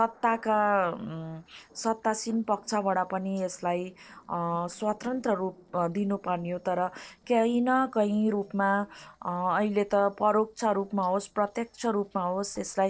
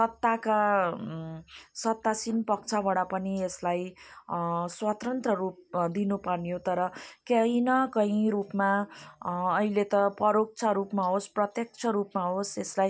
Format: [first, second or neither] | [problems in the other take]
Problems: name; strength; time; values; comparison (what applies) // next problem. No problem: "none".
second | noise reduction (neural separator model SepFormer DNS4)